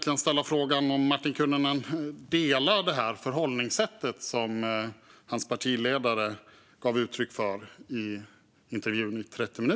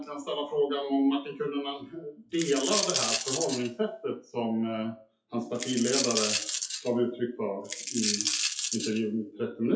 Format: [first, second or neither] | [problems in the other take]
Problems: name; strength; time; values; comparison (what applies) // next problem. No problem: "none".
first | noise reduction (classical method WPE with log-MMSE)